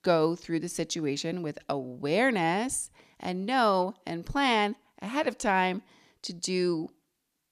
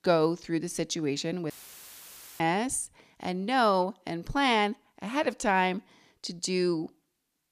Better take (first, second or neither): first